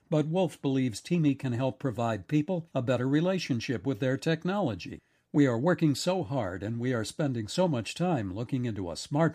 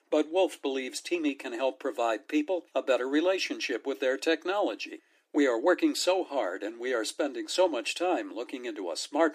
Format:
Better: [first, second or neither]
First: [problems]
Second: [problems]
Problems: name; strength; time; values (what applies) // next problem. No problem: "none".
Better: first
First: none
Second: thin; somewhat; fading below 300 Hz